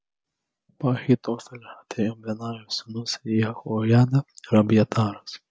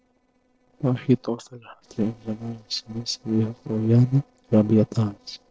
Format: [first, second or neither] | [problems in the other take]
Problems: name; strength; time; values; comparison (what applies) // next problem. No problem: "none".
first | noise reduction (neural separator model SepFormer DNS4)